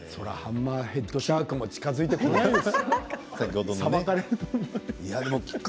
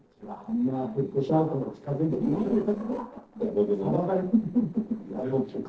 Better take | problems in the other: first | noise reduction (neural separator model SepFormer DNS4)

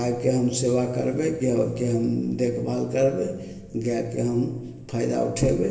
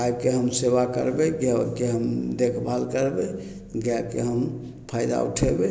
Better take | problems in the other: second | room echo; dies away in 1.6 s

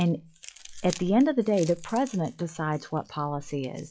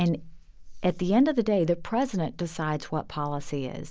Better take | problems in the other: second | noise reduction (classical method log-MMSE)

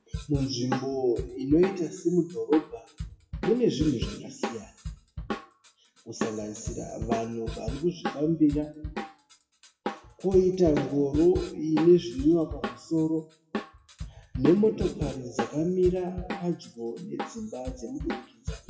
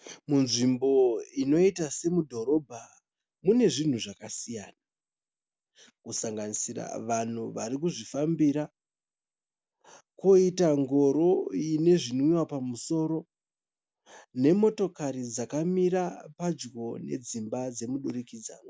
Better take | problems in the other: second | noise reduction (classical method WPE with log-MMSE)

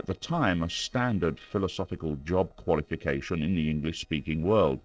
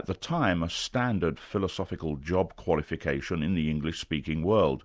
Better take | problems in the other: second | noise reduction (neural separator model SepFormer DNS4)

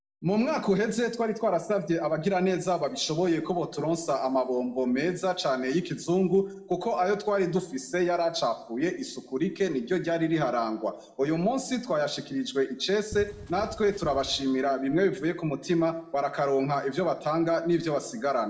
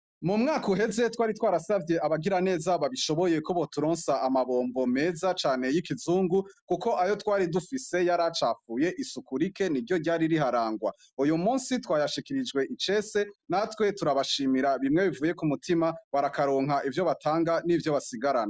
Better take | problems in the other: second | background sound (Wind); 15 dB below the speech // room echo; dies away in 0.6 s

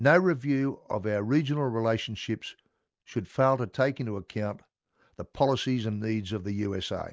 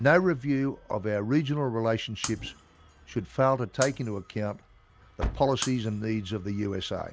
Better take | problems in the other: first | background sound (Shatter + Engine starting); 13 dB below the speech

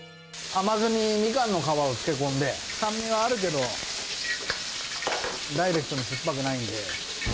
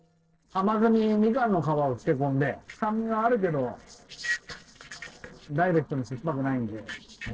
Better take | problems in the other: first | noise reduction (neural separator model SepFormer DNS4)

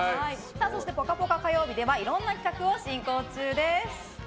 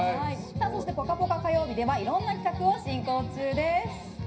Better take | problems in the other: first | room echo; dies away in 0.4 s

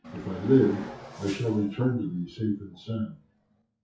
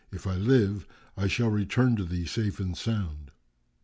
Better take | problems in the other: second | noise reduction (classical method WPE with log-MMSE)

